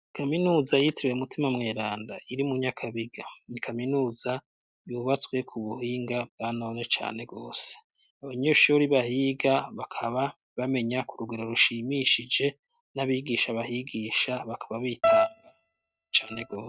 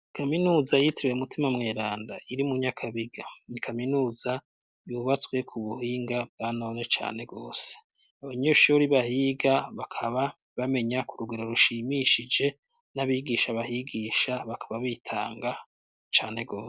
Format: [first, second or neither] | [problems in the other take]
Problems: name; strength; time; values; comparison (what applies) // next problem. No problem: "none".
second | noise reduction (neural mask model RNNoise)